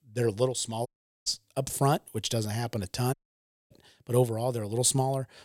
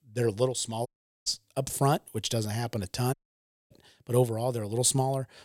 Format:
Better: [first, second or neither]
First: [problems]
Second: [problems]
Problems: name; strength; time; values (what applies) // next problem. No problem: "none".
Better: neither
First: audio cutting out; at 1 s and at 3 s for 0.5 s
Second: audio cutting out; at 1 s and at 3 s for 0.5 s